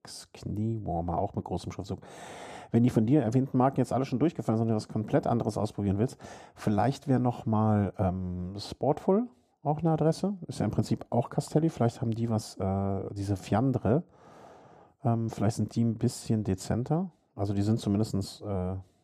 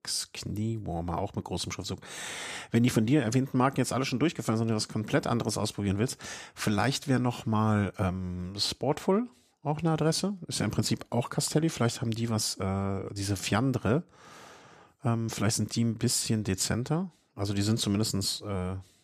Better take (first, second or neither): second